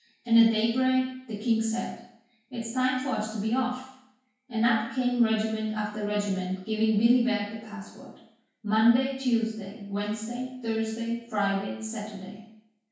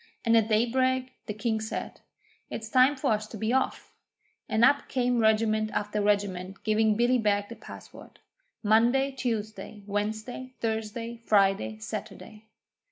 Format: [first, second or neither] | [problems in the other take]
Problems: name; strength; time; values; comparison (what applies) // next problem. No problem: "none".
second | room echo; dies away in 0.6 s